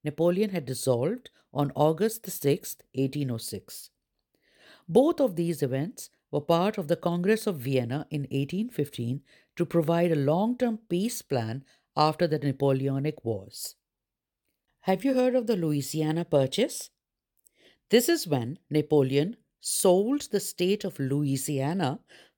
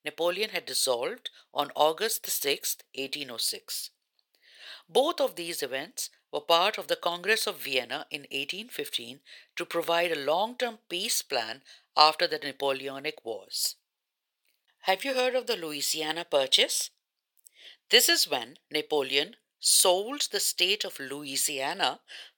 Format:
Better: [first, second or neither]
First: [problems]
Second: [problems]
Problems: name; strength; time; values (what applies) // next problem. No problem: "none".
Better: first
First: none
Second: thin; very; fading below 800 Hz